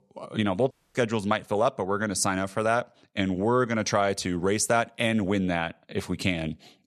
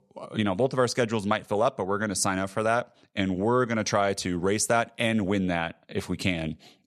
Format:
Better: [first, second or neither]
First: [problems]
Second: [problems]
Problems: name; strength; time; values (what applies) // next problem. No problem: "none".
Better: second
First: audio cutting out; at 0.5 s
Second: none